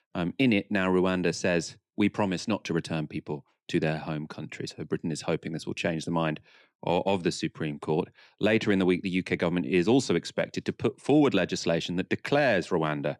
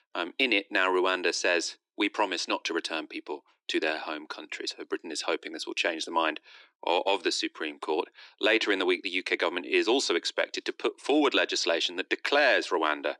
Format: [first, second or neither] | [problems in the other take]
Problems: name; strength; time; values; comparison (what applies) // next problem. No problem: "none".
first | thin; somewhat; fading below 300 Hz